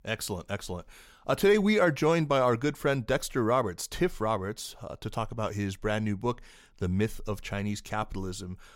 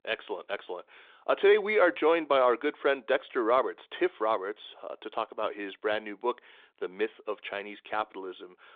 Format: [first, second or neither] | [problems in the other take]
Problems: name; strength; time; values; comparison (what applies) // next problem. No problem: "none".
first | phone-call audio